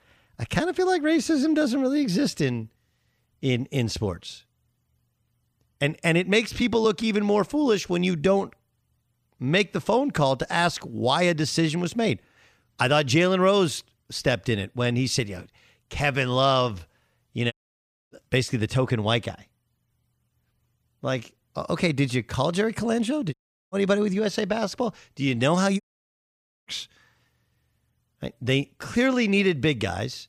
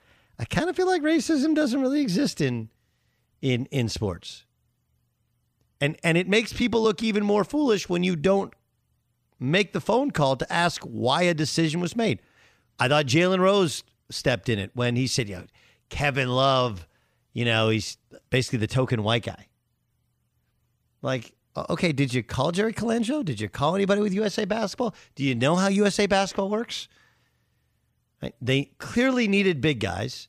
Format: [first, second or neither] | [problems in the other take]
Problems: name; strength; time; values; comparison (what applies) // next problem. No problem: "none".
second | audio cutting out; at 18 s for 0.5 s, at 23 s and at 26 s for 1 s